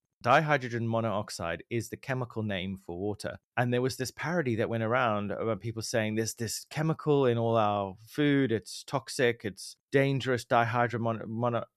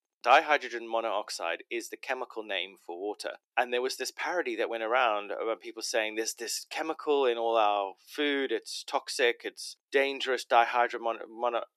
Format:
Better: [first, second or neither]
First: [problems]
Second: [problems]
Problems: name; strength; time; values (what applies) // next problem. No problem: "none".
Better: first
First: none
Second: thin; very; fading below 300 Hz